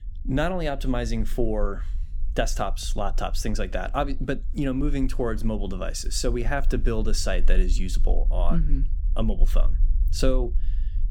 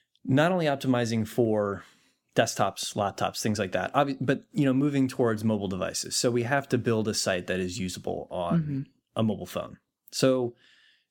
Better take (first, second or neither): second